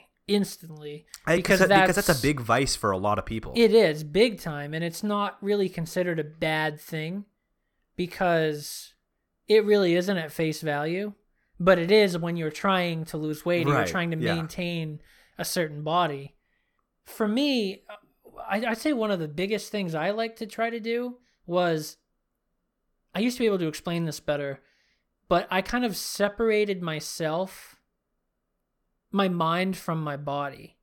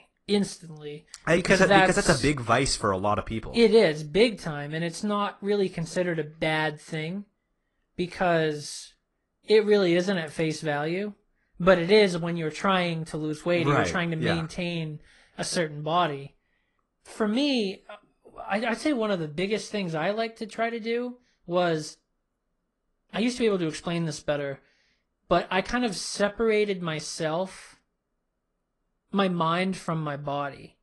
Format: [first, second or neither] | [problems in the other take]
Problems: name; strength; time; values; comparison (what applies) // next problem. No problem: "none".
first | garbled, watery; slightly